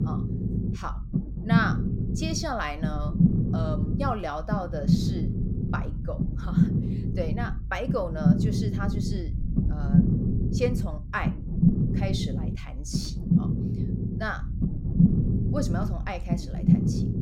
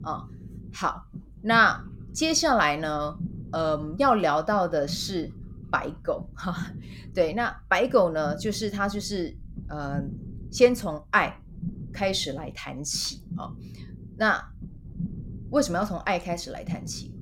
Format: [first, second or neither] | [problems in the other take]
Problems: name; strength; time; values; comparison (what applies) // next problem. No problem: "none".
second | low rumble; loud; throughout; 2 dB below the speech; faint in the second